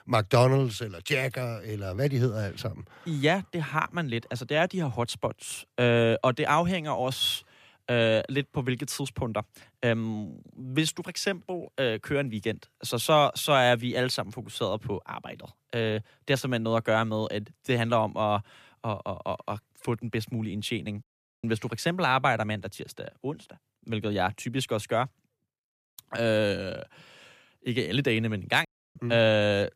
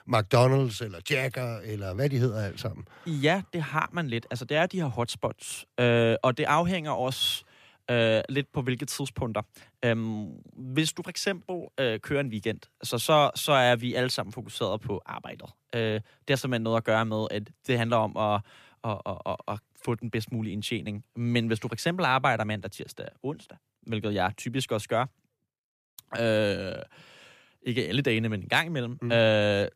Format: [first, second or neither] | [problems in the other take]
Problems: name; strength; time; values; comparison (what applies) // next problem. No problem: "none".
second | audio cutting out; at 21 s and at 29 s